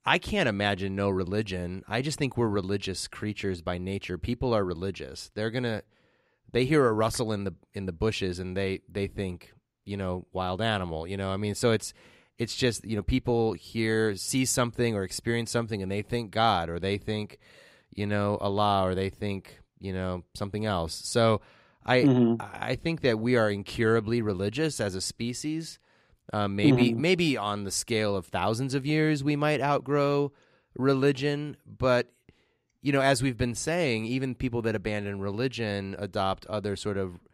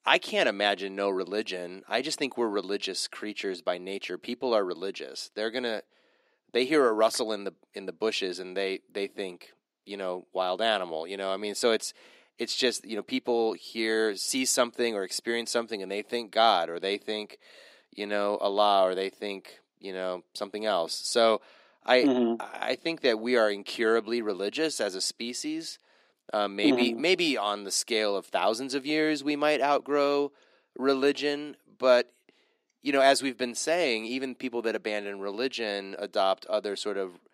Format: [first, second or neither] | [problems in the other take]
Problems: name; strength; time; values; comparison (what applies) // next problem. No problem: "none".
first | thin; somewhat; fading below 250 Hz